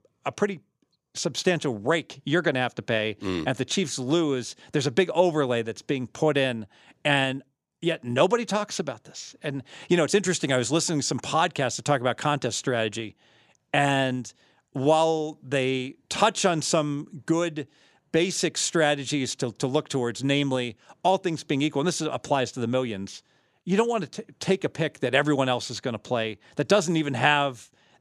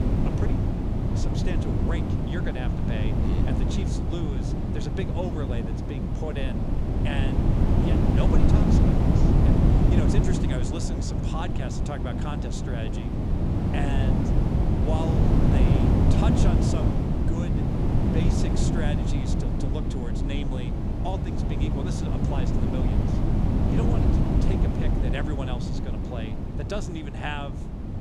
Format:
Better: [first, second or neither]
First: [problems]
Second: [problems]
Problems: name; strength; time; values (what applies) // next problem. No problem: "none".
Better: first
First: none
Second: wind noise on the microphone; heavy; 4 dB above the speech